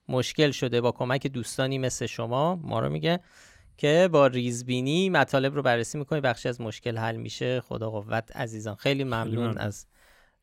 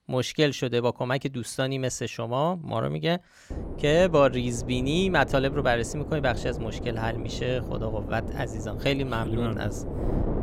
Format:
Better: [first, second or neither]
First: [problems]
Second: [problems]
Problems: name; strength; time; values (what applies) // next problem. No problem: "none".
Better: first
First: none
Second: wind noise on the microphone; occasional gusts; from 3.5 s on; 15 dB below the speech